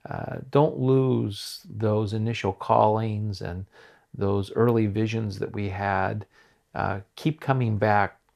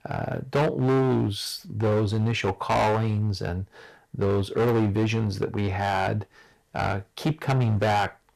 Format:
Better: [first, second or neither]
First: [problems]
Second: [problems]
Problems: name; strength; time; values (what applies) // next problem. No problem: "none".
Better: first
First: none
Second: distortion; heavy; 12% of the sound clipped